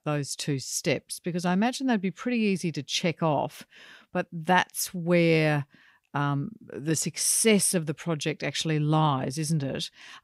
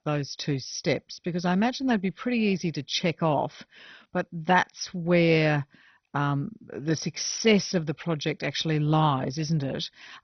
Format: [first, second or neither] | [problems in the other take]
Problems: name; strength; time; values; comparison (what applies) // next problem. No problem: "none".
first | garbled, watery; badly; nothing above 6 kHz